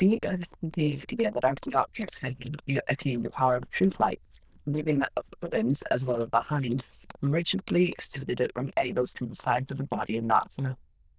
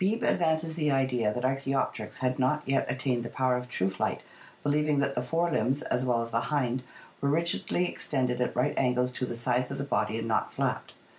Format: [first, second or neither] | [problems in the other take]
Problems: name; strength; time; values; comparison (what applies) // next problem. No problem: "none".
second | noise reduction (neural diffusion model UNIVERSE++)